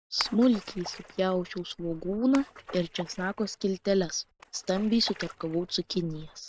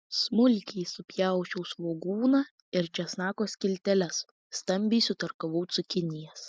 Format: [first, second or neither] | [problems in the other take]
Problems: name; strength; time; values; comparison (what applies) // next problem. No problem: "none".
second | noise reduction (neural mask model RNNoise)